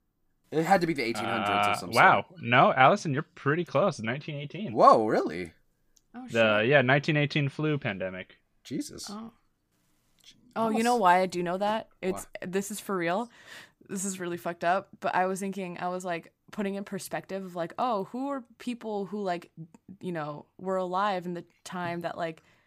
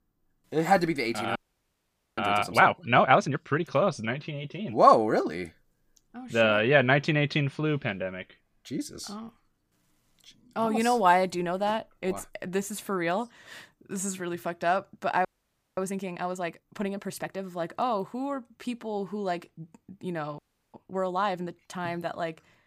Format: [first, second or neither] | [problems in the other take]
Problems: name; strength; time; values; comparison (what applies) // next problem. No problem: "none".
first | audio freezing; at 1.5 s for 1 s, at 15 s for 0.5 s and at 20 s